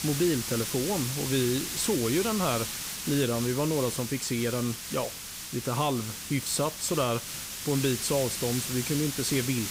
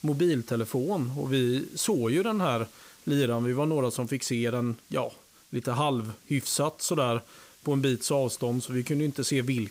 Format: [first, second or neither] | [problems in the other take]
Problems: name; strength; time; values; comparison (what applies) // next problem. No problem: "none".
second | hiss; loud; throughout; 4 dB below the speech; faint in the second